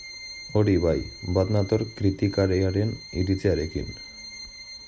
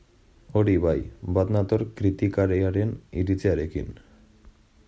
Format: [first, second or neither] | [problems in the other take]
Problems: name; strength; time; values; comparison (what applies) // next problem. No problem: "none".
second | background sound (Bowed string instrument); 17 dB below the speech